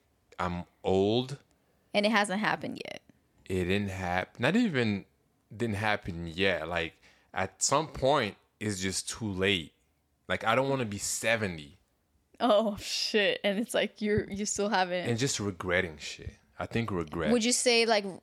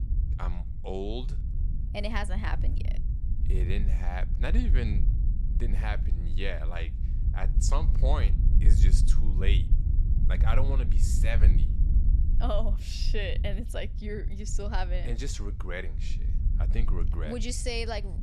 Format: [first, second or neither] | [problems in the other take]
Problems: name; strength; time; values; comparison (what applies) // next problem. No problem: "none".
first | wind noise on the microphone; occasional gusts; 10 dB below the speech